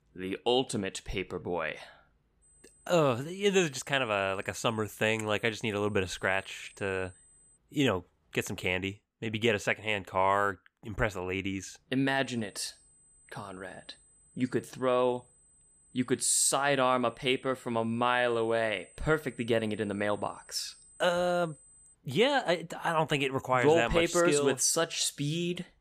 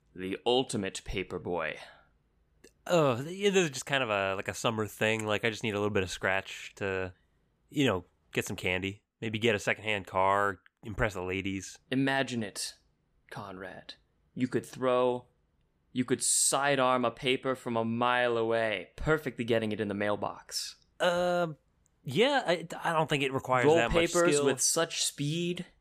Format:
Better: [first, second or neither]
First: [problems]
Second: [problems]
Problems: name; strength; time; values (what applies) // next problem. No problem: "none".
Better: second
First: high-pitched whine; faint; from 2.5 to 7.5 s and from 12 to 22 s; 8 kHz, 30 dB below the speech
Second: none